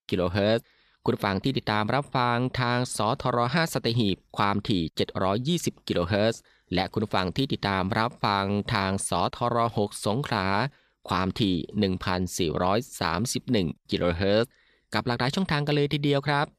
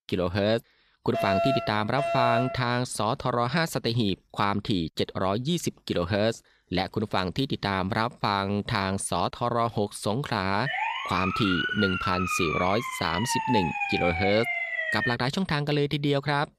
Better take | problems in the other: first | alarm; loud; from 1 to 2.5 s; peak 2 dB above the speech // siren; loud; from 11 to 15 s; peak level with the speech

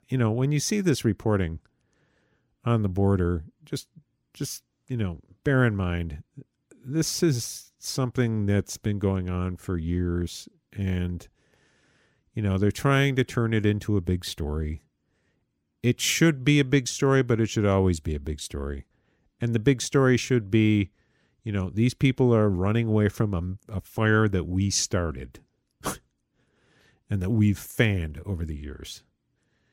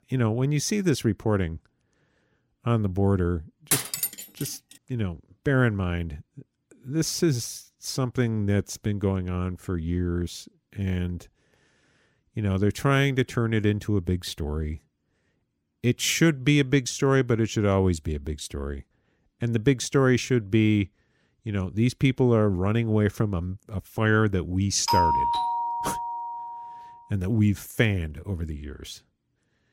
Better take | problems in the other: first | clattering dishes; loud; at 3.5 s; peak 2 dB above the speech // doorbell; loud; from 25 to 27 s; peak 4 dB above the speech

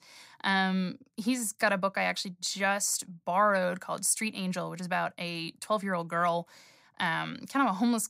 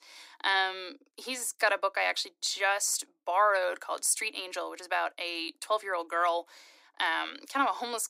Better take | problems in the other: first | thin; very; fading below 300 Hz

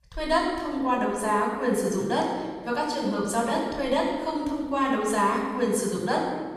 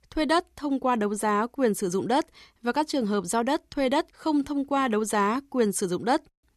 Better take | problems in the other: second | off-mic speech; far // room echo; noticeable; dies away in 1.3 s

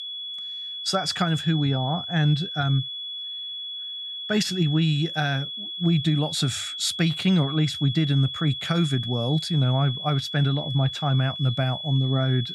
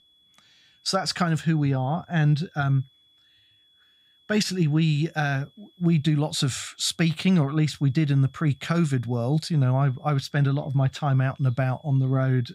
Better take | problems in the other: second | high-pitched whine; loud; throughout; 3.5 kHz, 7 dB below the speech; faint in the second

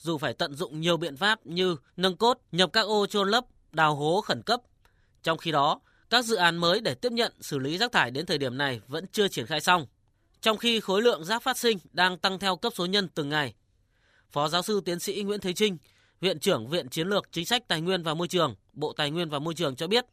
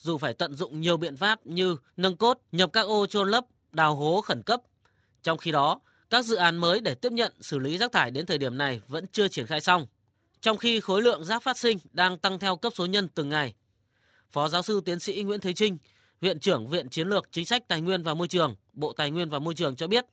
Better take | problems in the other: first | garbled, watery; slightly; nothing above 7.5 kHz

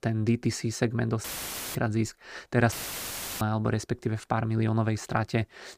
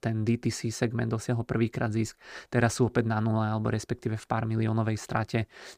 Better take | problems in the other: second | audio cutting out; filled with static; at 1 s for 0.5 s and at 2.5 s for 0.5 s

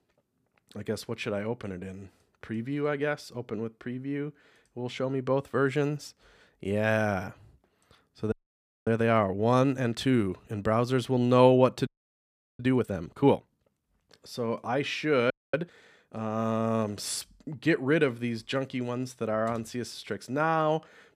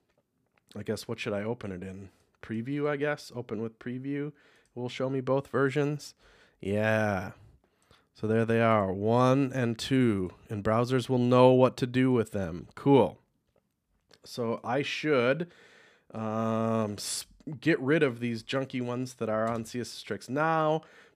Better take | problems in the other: second | audio freezing; at 8.5 s for 0.5 s, at 12 s for 0.5 s and at 15 s

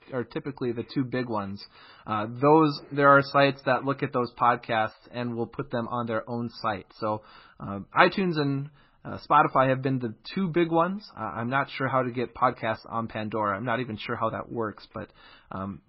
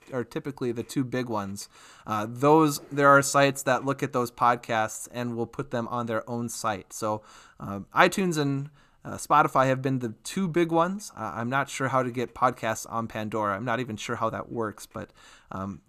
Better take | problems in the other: second | garbled, watery; badly; nothing above 5.5 kHz

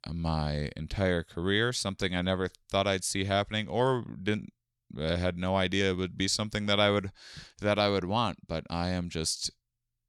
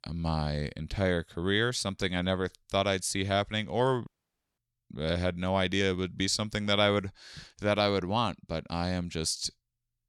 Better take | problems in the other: first | audio cutting out; at 4 s for 0.5 s

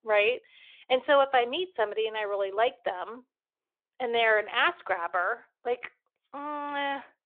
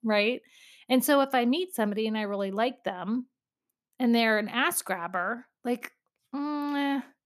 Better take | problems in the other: second | phone-call audio; nothing above 3.5 kHz

